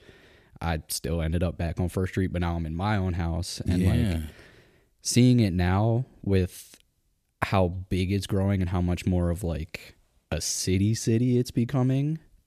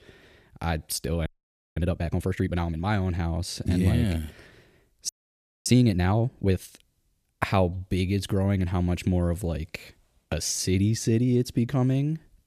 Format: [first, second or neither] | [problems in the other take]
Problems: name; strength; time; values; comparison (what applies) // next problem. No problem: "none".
first | audio freezing; at 1.5 s for 0.5 s and at 5 s for 0.5 s